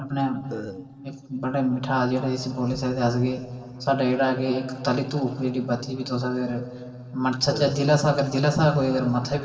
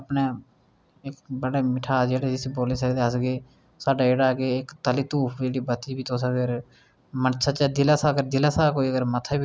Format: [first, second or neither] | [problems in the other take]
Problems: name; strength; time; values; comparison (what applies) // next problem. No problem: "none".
second | noise reduction (neural separator model SepFormer DNS4)